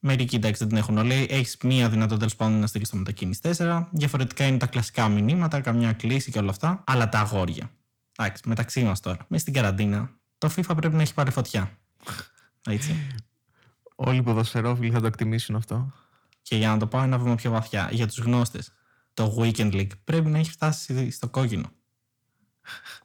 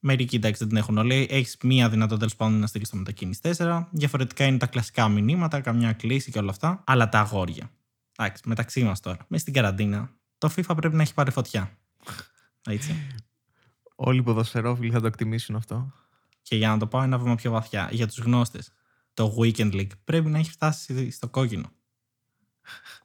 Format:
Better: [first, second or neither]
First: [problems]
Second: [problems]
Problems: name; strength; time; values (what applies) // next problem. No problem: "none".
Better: second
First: distortion; slight; 10 dB below the speech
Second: none